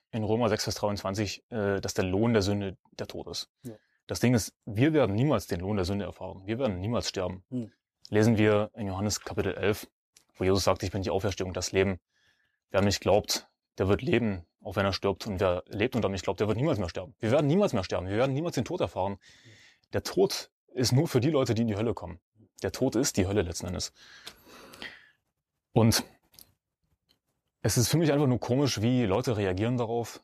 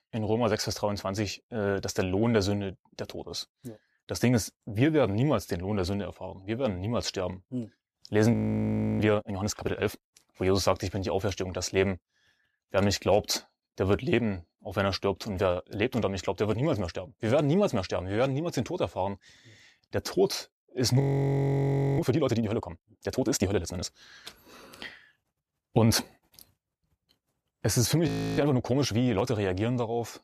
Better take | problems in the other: first | audio freezing; at 8.5 s for 0.5 s, at 21 s for 1 s and at 28 s

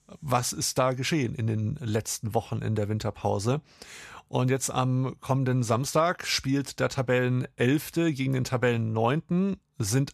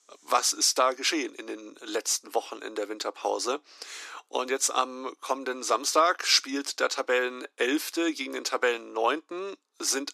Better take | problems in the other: first | thin; very; fading below 300 Hz

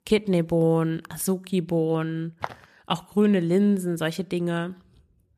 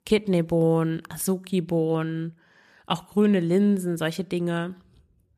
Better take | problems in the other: second | footsteps; faint; at 2.5 s; peak 10 dB below the speech

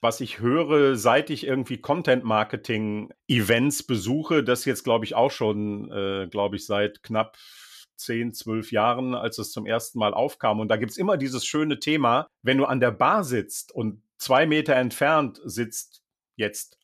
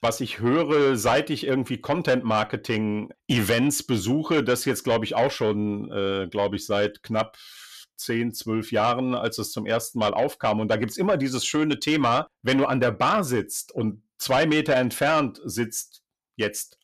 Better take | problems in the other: first | distortion; slight; 10 dB below the speech

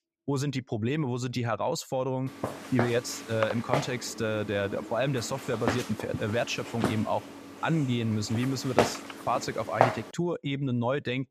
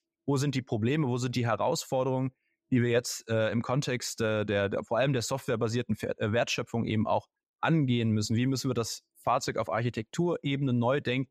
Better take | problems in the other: second | footsteps; loud; from 2.5 to 10 s; peak 4 dB above the speech

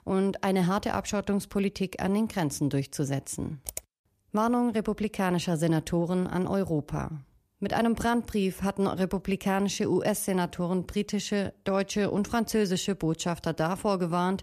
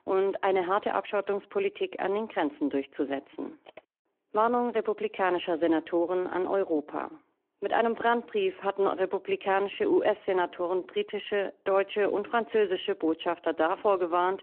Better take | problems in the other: first | phone-call audio

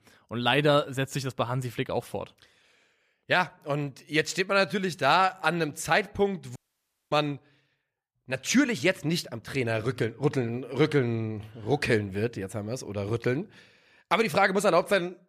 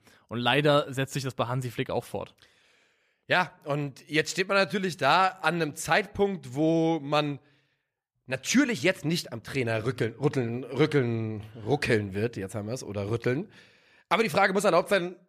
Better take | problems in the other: second | audio cutting out; at 6.5 s for 0.5 s

